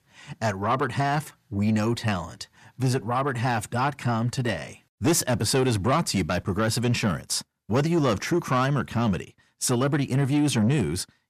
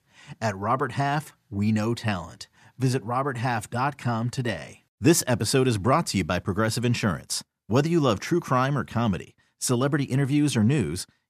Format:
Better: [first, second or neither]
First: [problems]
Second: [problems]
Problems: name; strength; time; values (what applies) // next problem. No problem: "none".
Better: second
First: distortion; slight; 10 dB below the speech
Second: none